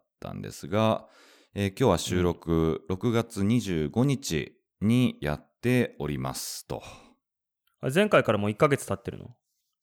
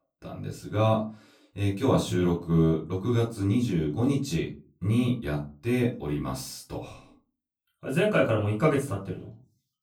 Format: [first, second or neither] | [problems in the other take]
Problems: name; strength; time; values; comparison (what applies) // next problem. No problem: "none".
first | off-mic speech; far // room echo; slight; dies away in 0.3 s